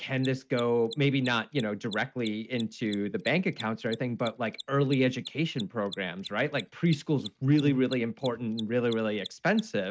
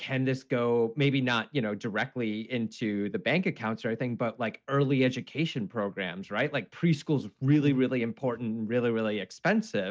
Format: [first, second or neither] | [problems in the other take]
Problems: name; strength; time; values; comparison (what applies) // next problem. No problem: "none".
second | background sound (Mechanisms); 18 dB below the speech